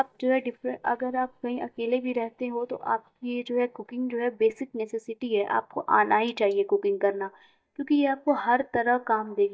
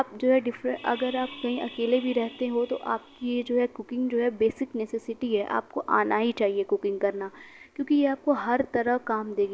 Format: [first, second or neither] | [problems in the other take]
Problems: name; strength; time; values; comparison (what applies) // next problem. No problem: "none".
second | noise reduction (neural mask model DeepFilterNet 3)